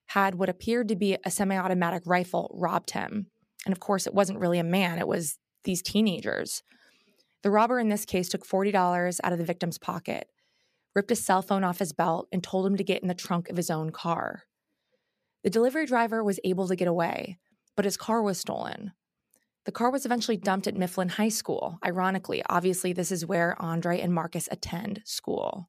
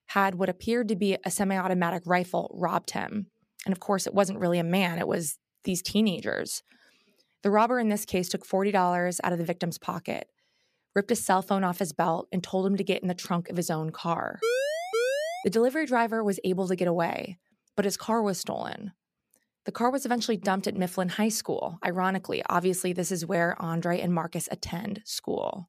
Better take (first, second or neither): first